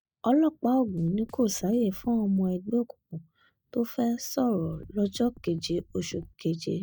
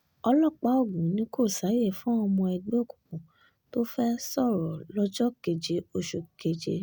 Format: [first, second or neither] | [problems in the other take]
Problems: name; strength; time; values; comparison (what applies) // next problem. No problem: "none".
second | noise reduction (neural mask model DeepFilterNet 3)